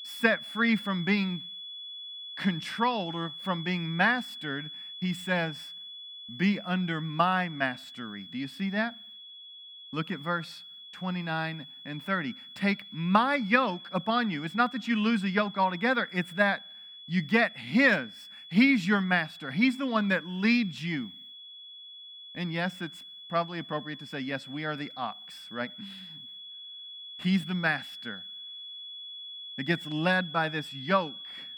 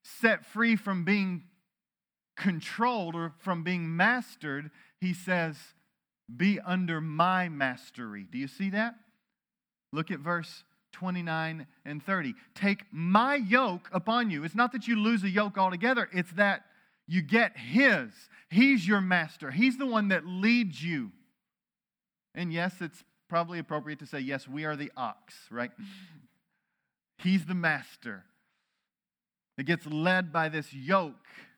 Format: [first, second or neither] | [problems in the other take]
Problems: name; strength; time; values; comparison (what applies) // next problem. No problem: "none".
second | high-pitched whine; noticeable; throughout; 3.5 kHz, 15 dB below the speech